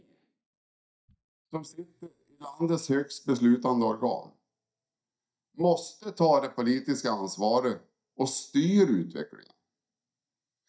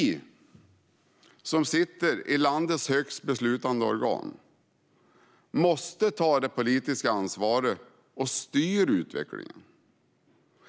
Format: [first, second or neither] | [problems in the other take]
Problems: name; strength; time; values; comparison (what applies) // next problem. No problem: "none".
second | noise reduction (neural mask model DeepFilterNet 3)